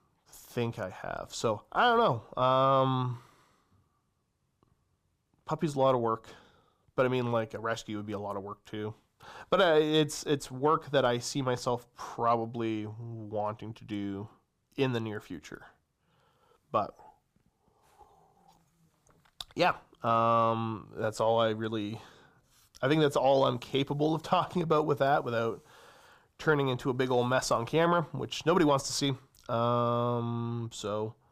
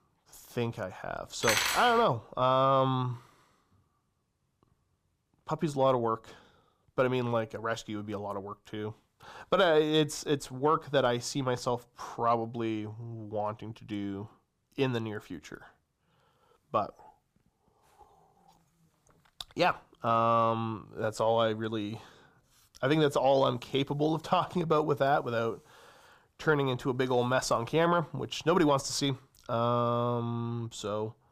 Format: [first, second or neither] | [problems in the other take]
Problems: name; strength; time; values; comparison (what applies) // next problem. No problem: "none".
first | clattering dishes; loud; at 1.5 s; peak 3 dB above the speech